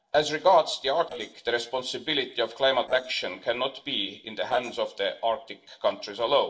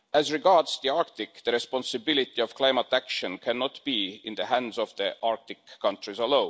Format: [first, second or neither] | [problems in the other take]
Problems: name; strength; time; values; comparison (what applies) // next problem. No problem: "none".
second | noise reduction (neural separator model SepFormer DNS4)